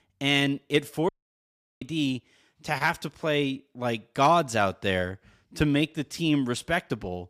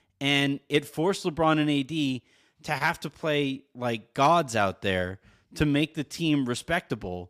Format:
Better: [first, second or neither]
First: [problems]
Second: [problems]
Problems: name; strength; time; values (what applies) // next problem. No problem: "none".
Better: second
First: audio cutting out; at 1 s for 0.5 s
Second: none